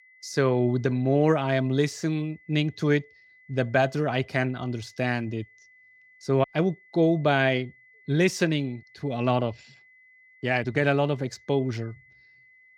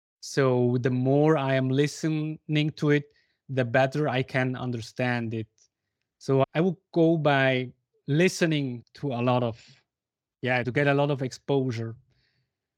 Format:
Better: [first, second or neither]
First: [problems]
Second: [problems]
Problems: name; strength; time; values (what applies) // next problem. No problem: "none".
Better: second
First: high-pitched whine; faint; throughout; 2 kHz, 30 dB below the speech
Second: none